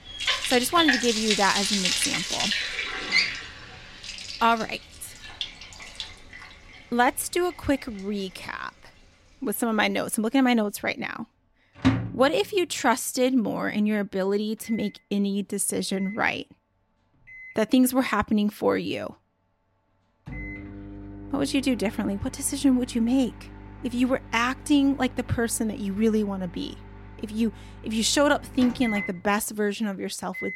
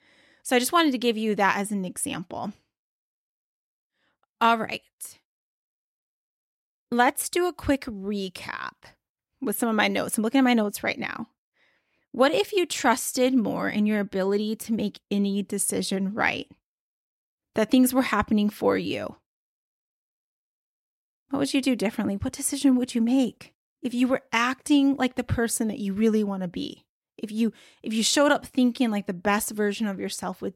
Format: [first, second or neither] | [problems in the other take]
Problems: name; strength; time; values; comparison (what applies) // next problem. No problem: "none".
second | household noises; loud; throughout; 3 dB below the speech